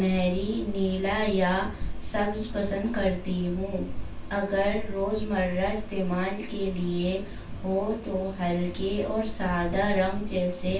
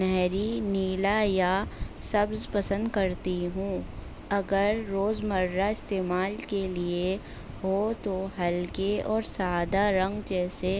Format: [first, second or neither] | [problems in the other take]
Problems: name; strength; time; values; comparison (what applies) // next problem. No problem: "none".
second | room echo; dies away in 0.3 s